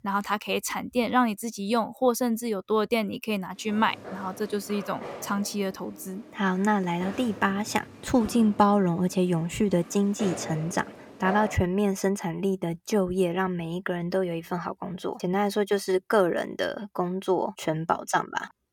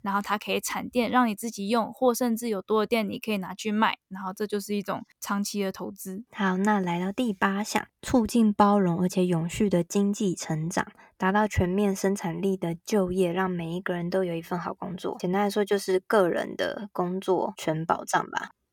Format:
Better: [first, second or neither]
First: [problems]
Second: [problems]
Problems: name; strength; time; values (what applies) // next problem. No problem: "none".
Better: second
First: footsteps; noticeable; from 3.5 to 12 s; peak 7 dB below the speech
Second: none